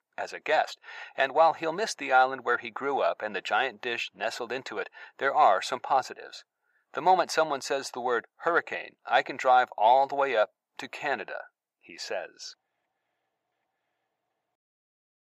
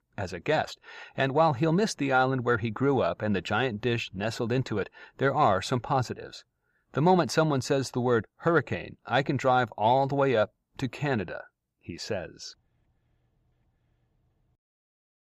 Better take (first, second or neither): second